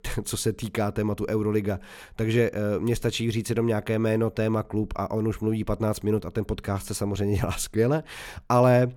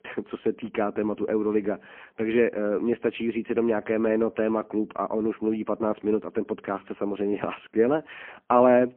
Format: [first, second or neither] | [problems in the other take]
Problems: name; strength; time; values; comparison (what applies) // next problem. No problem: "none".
first | phone-call audio; poor line